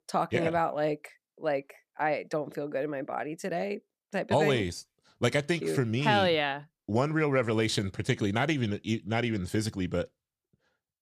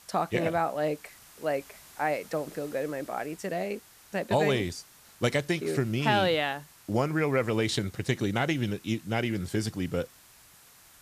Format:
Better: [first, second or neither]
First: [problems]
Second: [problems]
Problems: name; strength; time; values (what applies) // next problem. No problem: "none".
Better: first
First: none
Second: hiss; faint; throughout; 20 dB below the speech